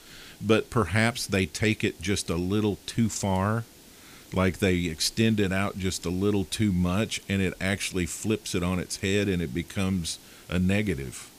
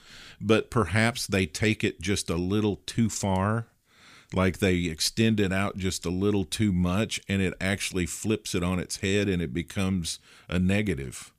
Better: second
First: hiss; faint; throughout; 25 dB below the speech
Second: none

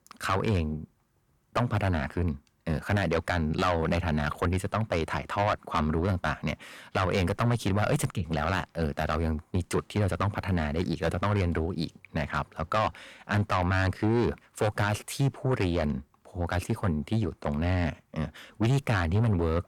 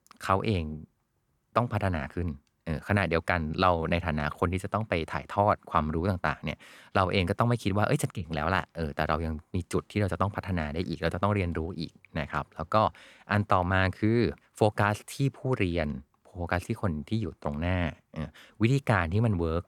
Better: second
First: distortion; heavy; 6 dB below the speech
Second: none

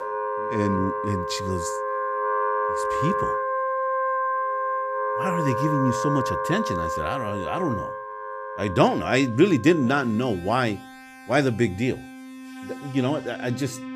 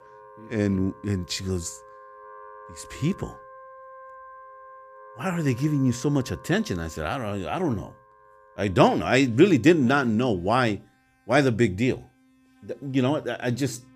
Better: second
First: background music; loud; throughout; 3 dB below the speech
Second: background music; faint; throughout; 25 dB below the speech

